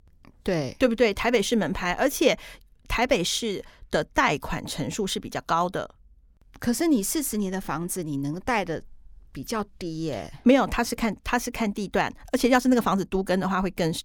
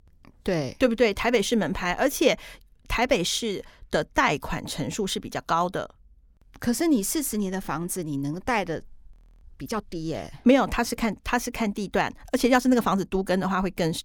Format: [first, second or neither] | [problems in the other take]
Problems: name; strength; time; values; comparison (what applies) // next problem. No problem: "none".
first | audio freezing; at 9 s